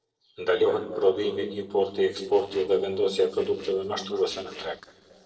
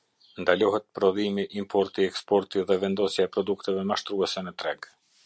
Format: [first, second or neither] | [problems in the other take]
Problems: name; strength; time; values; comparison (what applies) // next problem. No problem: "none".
second | noise reduction (neural separator model SepFormer DNS4)